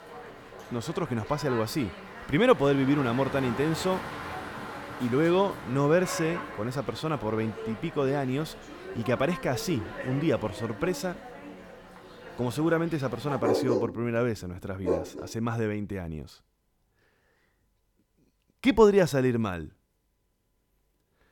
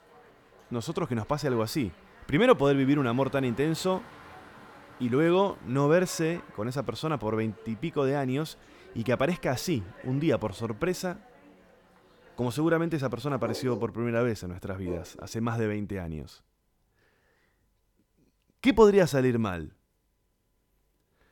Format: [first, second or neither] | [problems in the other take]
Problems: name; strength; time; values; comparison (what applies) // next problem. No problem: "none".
second | animal sounds; loud; until 15 s; 9 dB below the speech; faint in the second